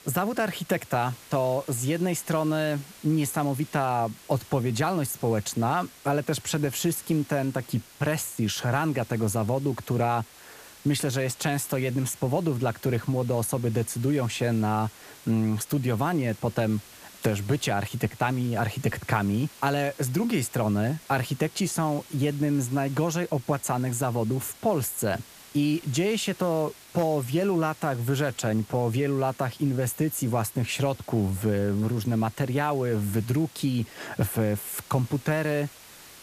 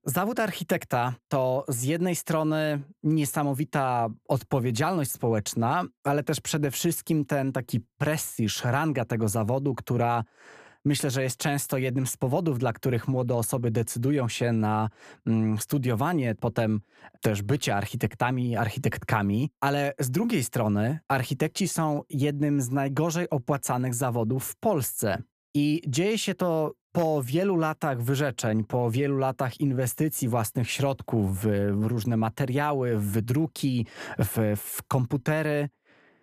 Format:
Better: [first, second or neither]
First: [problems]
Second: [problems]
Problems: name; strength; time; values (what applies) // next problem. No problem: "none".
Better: second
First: hiss; noticeable; throughout; 20 dB below the speech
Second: none